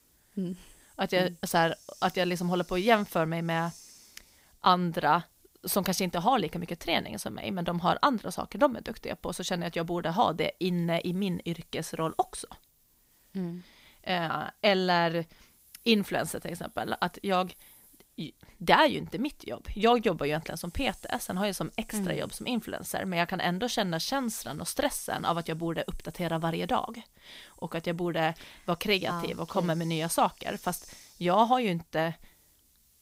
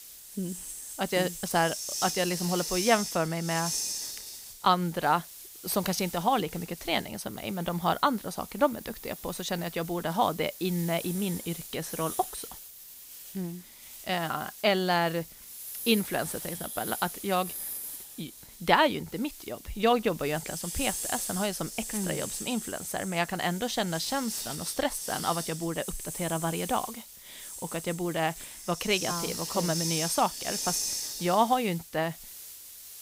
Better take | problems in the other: first | hiss; loud; throughout; 6 dB below the speech; faint in the first

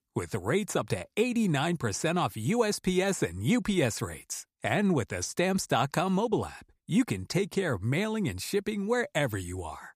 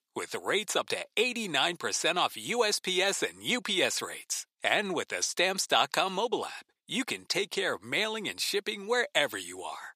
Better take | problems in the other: first | thin; somewhat; fading below 450 Hz

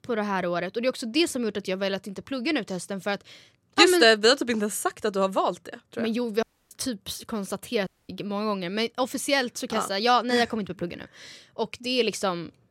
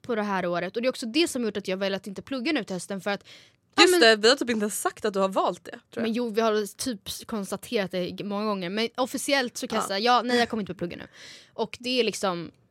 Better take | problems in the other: second | audio cutting out; at 6.5 s and at 8 s

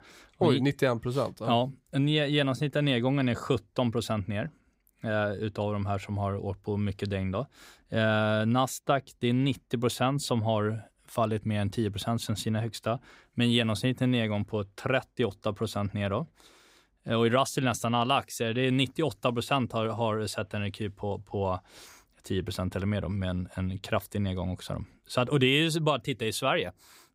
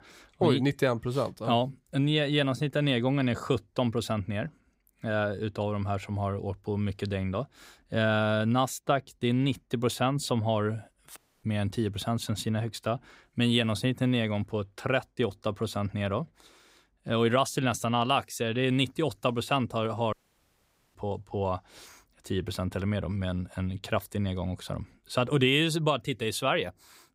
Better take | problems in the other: first | audio cutting out; at 11 s and at 20 s for 1 s

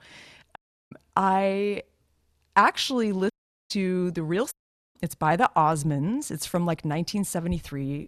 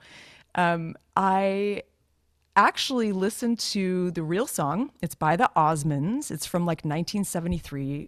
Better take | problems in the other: second | audio cutting out; at 0.5 s, at 3.5 s and at 4.5 s

